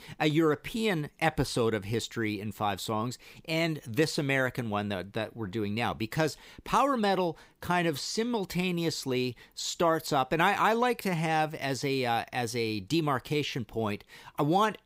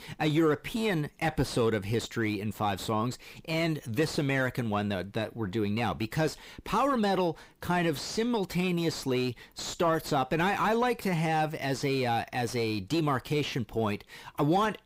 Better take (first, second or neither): first